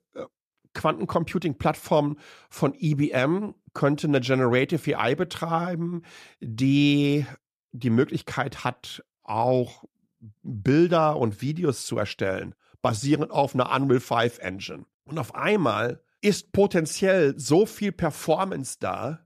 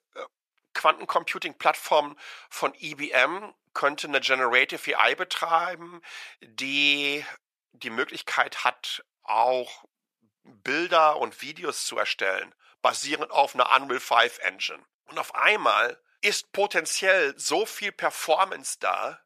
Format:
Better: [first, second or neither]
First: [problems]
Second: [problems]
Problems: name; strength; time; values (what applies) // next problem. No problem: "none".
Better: first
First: none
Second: thin; very; fading below 800 Hz